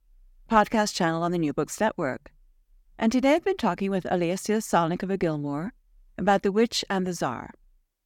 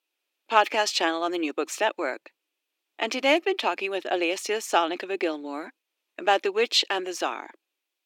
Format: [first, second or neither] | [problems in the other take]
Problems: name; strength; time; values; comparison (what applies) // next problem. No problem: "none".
first | thin; somewhat; fading below 300 Hz